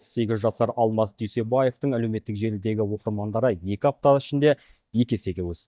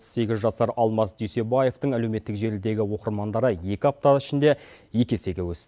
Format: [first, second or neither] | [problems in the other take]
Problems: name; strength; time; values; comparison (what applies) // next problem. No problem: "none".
second | noise reduction (neural mask model DeepFilterNet 3)